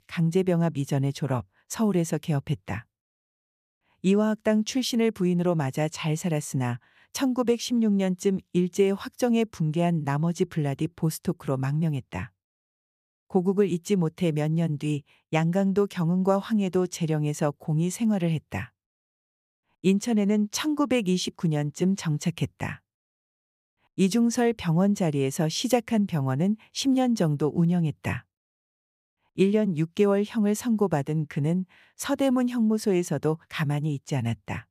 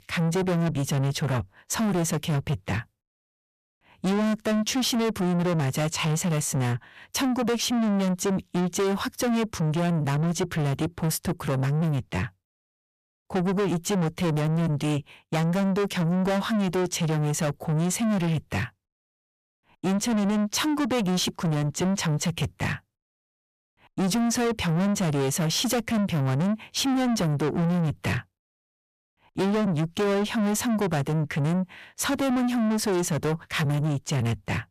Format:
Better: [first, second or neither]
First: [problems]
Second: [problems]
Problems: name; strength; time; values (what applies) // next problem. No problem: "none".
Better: first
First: none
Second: distortion; heavy; 6 dB below the speech